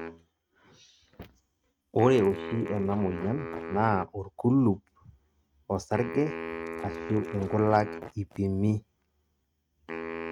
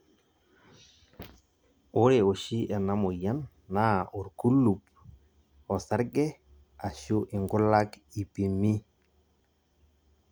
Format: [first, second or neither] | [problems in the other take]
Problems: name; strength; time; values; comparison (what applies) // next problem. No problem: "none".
second | noise reduction (neural mask model RNNoise)